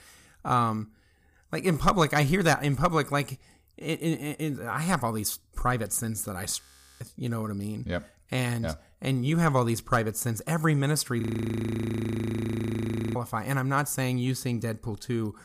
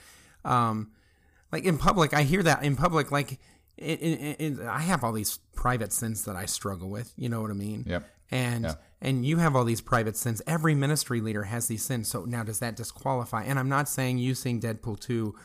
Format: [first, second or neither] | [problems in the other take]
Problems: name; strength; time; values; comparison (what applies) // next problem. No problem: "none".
second | audio freezing; at 6.5 s and at 11 s for 2 s